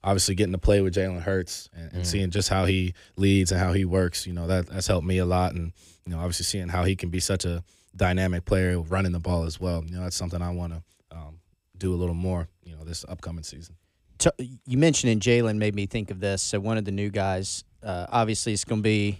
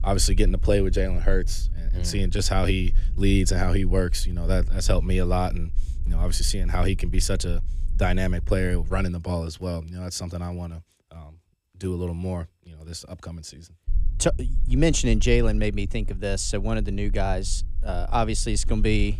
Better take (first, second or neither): first